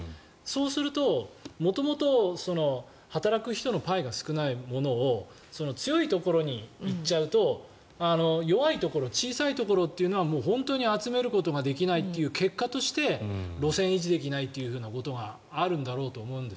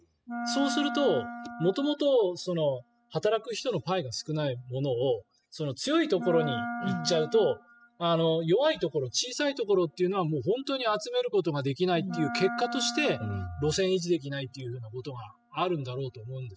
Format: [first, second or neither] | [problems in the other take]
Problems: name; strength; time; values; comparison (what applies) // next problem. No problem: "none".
first | noise reduction (classical method spectral subtraction)